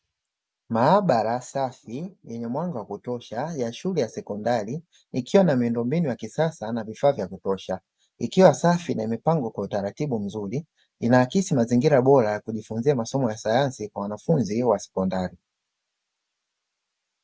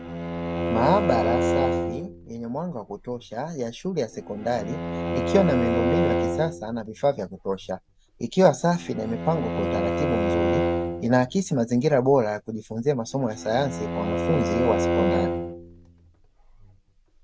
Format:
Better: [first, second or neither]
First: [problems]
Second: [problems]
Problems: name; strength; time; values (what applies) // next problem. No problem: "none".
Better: first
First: none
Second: background sound (Bowed string instrument); 2 dB below the speech